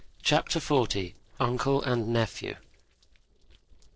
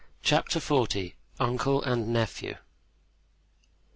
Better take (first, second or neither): second